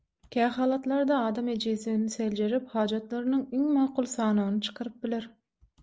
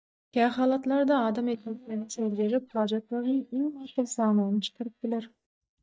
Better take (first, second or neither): first